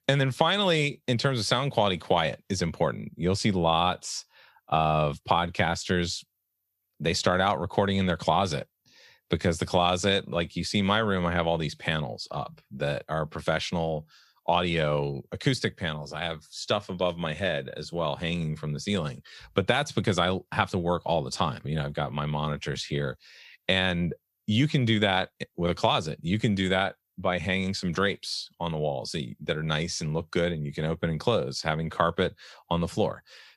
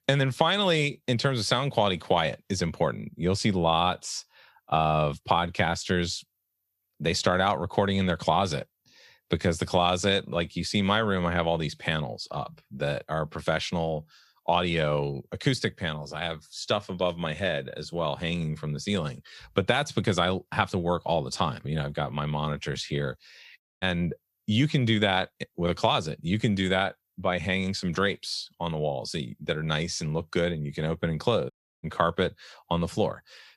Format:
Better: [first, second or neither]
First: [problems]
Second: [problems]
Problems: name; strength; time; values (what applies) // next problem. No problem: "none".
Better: first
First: none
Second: audio cutting out; at 24 s and at 32 s